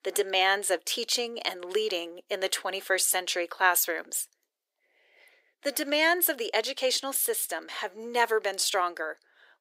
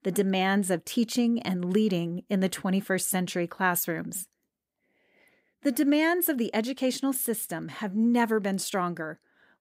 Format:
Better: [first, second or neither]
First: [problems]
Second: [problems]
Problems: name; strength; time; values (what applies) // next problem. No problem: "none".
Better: second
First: thin; very; fading below 400 Hz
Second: none